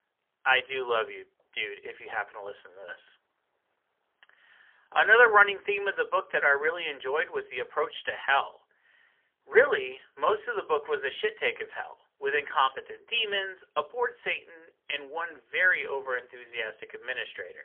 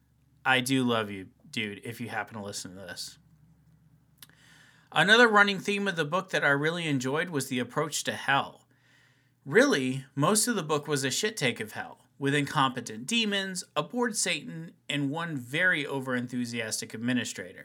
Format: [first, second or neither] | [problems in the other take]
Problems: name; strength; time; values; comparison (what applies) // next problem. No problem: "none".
second | phone-call audio; poor line; nothing above 3.5 kHz